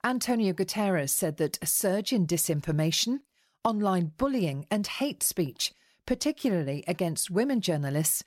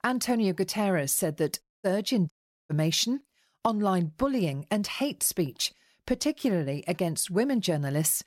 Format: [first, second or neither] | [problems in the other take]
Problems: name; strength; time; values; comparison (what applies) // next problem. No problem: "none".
first | audio cutting out; at 1.5 s and at 2.5 s